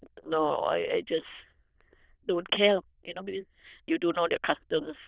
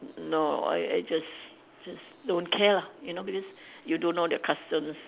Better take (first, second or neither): second